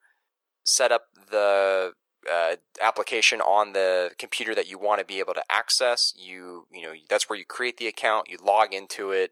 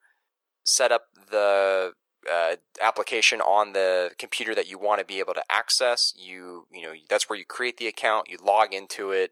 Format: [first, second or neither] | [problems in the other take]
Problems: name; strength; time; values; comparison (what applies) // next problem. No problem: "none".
neither | thin; very; fading below 550 Hz; the same in both